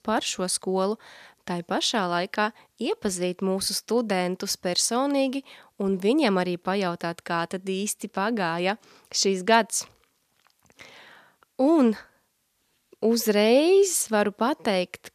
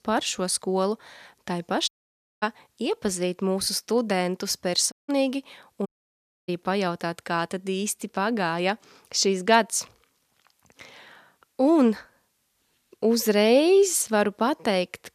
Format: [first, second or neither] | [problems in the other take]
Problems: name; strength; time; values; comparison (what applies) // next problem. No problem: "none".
first | audio cutting out; at 2 s for 0.5 s, at 5 s and at 6 s for 0.5 s